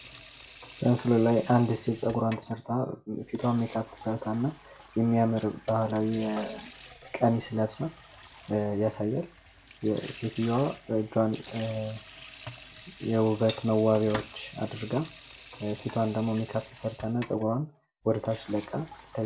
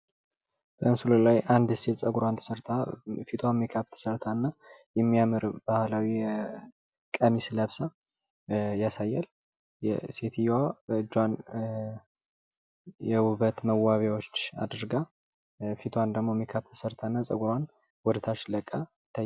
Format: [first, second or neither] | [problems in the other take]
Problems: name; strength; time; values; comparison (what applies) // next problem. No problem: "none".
second | background sound (Sink (filling or washing) / Water tap, faucet); 18 dB below the speech // room echo; dies away in 0.3 s